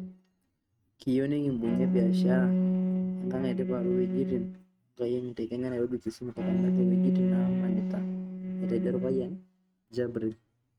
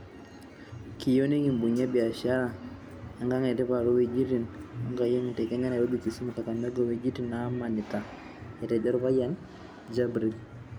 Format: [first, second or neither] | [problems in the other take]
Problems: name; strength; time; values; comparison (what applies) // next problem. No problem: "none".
second | noise reduction (neural mask model RNNoise)